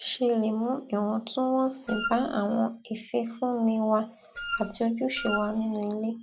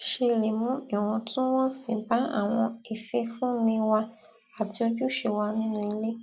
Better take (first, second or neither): second